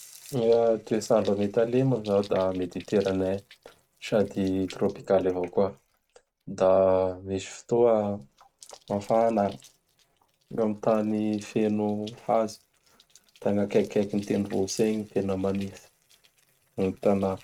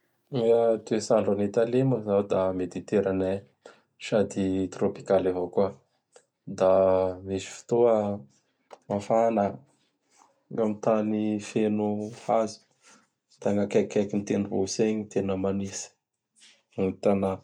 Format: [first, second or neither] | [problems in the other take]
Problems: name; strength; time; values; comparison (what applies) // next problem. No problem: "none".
second | noise reduction (neural mask model RNNoise)